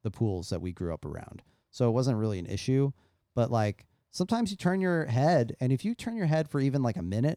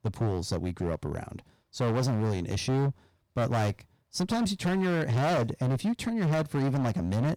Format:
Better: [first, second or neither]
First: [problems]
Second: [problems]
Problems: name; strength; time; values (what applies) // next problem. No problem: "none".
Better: first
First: none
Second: distortion; heavy; 20% of the sound clipped